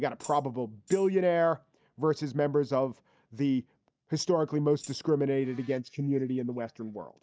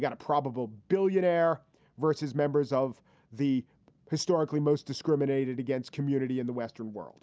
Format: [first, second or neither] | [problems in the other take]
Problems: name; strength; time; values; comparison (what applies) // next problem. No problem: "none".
second | noise reduction (neural mask model DeepFilterNet 3)